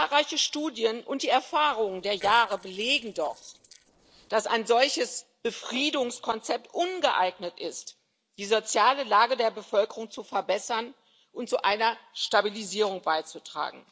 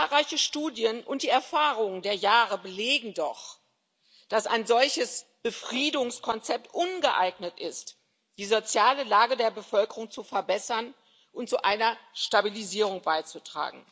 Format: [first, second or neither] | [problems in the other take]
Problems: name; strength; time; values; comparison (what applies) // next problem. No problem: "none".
second | noise reduction (neural separator model SepFormer DNS4)